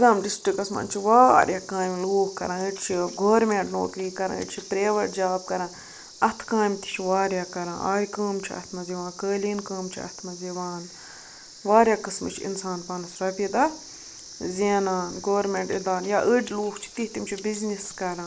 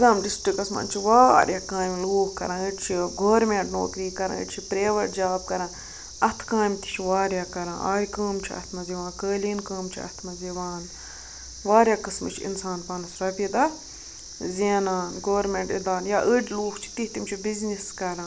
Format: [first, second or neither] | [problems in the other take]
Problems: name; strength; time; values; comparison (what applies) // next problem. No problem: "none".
second | noise reduction (neural mask model Resemble Enhance denoiser)